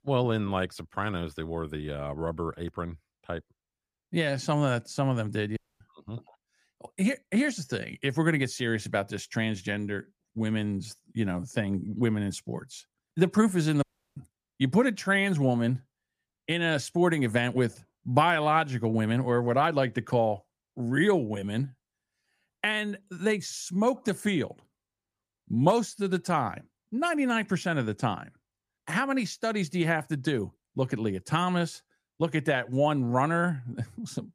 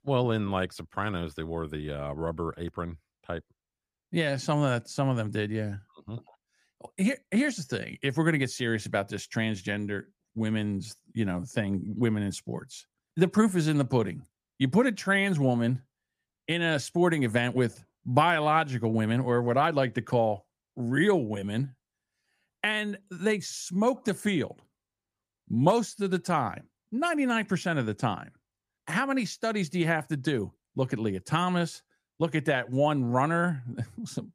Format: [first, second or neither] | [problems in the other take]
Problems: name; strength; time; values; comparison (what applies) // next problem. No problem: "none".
second | audio cutting out; at 5.5 s and at 14 s